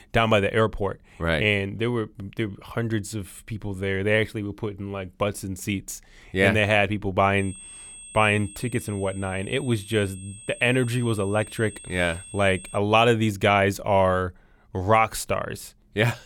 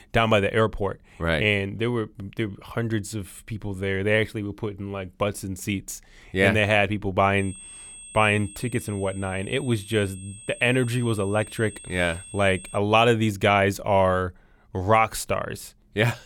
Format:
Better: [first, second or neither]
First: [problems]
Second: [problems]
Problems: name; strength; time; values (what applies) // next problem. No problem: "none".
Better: neither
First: high-pitched whine; noticeable; from 7.5 to 13 s; 8.5 kHz, 15 dB below the speech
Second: high-pitched whine; noticeable; from 7.5 to 13 s; 8.5 kHz, 15 dB below the speech